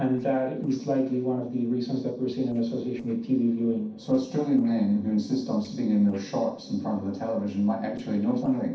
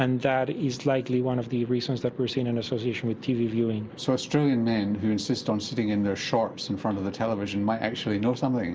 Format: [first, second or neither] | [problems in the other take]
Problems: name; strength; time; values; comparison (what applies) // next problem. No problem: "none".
second | noise reduction (neural separator model SepFormer DNS4)